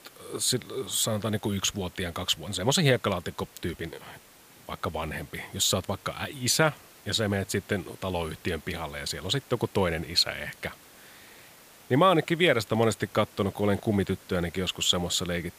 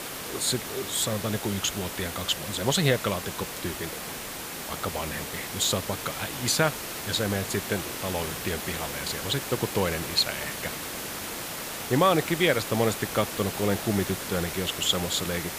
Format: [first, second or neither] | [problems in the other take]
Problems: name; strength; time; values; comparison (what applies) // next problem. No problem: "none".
first | hiss; loud; throughout; 5 dB below the speech; faint in the first